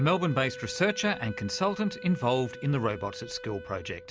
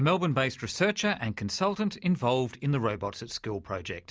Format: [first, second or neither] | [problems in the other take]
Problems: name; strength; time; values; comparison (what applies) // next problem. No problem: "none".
second | background sound (Wind instrument, woodwind instrument); 14 dB below the speech